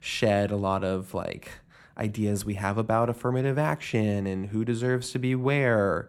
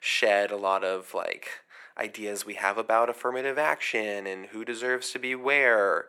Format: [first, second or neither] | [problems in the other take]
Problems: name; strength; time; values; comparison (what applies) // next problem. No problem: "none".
first | thin; very; fading below 450 Hz